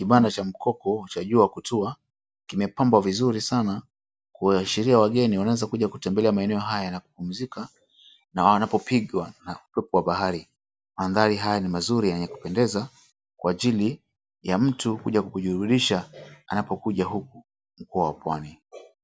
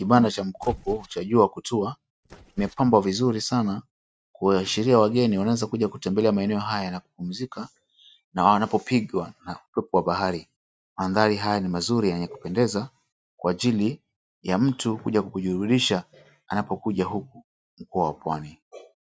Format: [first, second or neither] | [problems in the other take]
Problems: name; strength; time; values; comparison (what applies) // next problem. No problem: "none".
first | noise reduction (neural mask model RNNoise)